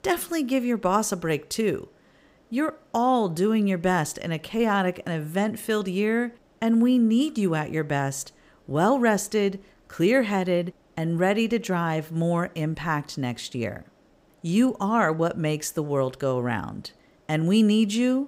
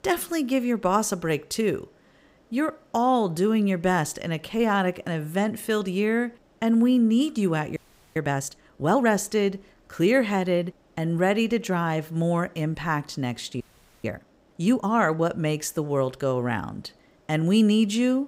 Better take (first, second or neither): first